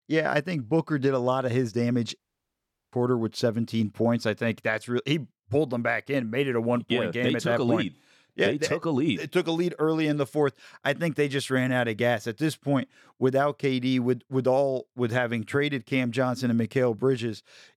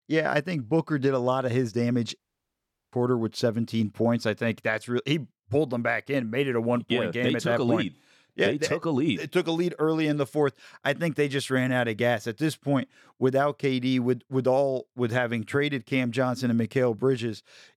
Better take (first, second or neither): neither